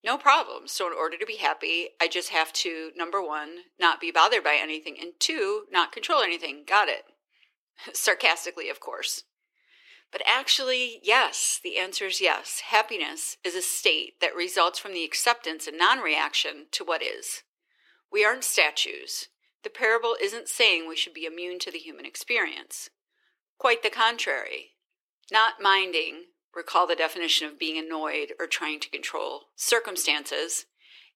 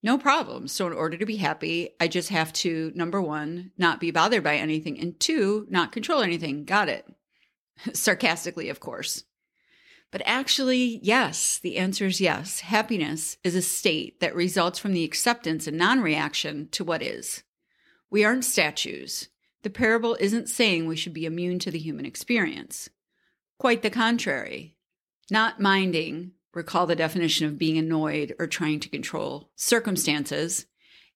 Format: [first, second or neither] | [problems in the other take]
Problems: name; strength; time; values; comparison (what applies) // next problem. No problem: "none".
second | thin; very; fading below 350 Hz